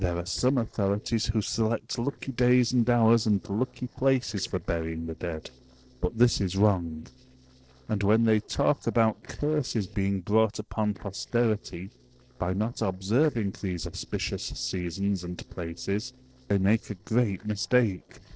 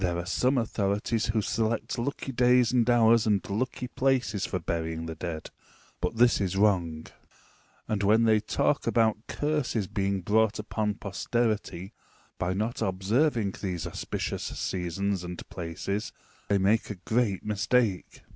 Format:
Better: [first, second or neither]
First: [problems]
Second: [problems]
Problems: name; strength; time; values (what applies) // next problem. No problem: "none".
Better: second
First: noise reduction (neural separator model SepFormer DNS4)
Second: none